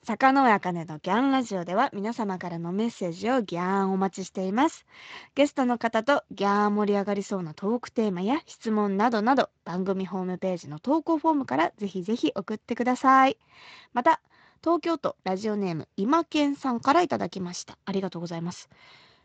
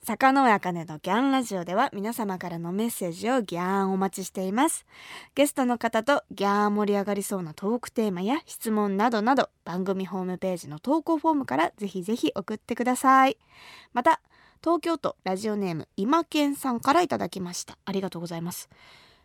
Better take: second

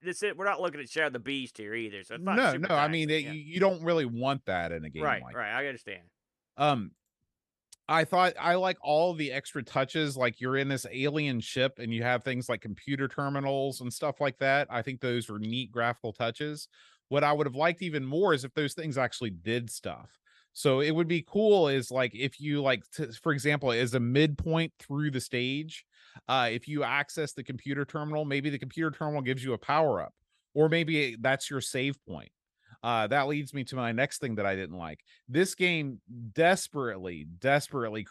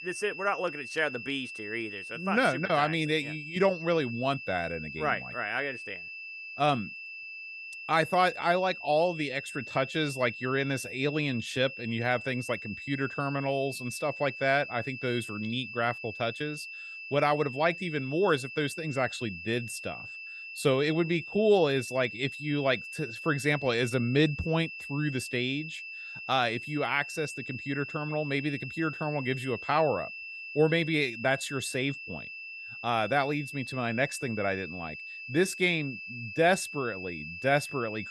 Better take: first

